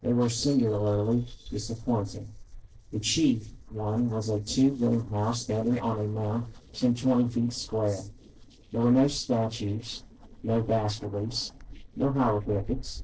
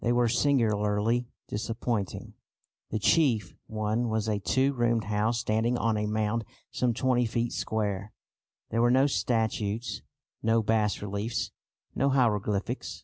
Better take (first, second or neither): second